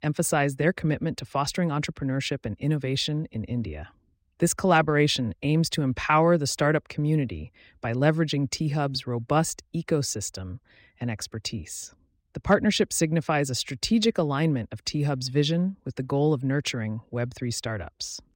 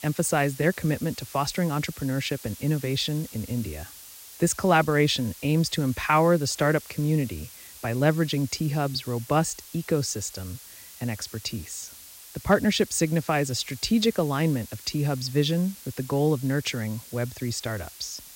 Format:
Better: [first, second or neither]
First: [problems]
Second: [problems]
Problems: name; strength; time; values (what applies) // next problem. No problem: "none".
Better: first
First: none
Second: hiss; noticeable; throughout; 15 dB below the speech